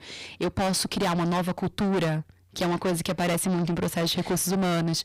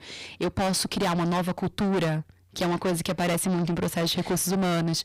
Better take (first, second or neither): neither